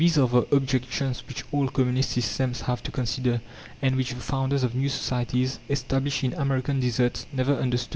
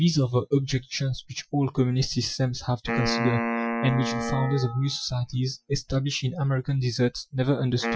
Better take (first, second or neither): first